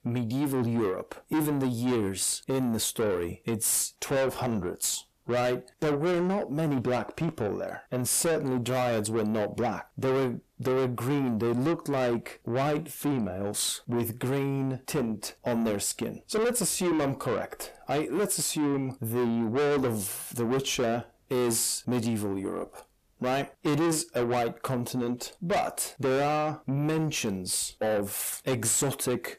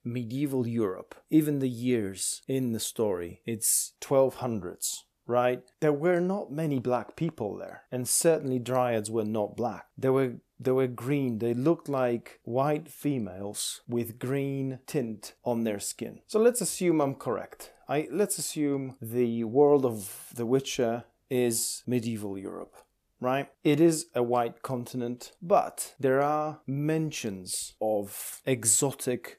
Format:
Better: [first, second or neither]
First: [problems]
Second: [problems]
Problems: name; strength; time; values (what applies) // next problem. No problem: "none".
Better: second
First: distortion; heavy; 6 dB below the speech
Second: none